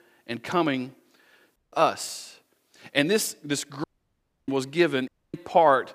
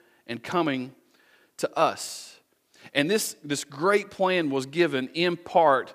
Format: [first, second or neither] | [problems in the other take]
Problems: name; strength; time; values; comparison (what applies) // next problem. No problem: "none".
second | audio cutting out; at 1.5 s, at 4 s for 0.5 s and at 5 s